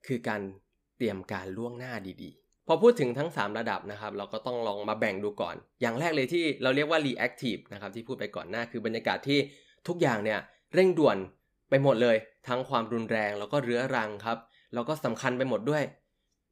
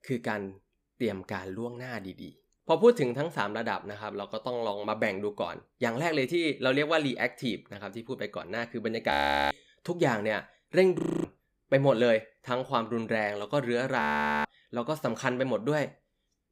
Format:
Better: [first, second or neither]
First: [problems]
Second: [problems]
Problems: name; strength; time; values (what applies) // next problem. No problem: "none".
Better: first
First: none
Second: audio freezing; at 9 s, at 11 s and at 14 s